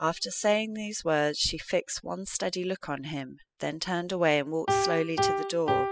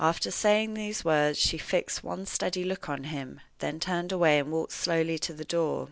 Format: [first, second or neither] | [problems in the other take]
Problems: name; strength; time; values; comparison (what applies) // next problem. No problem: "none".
second | noise reduction (classical method spectral subtraction)